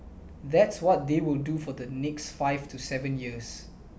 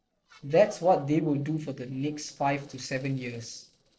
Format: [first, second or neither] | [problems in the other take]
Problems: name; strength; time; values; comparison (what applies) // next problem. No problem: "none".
first | noise reduction (neural separator model SepFormer DNS4)